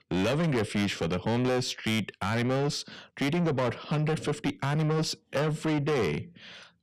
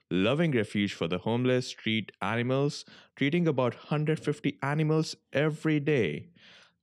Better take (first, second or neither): second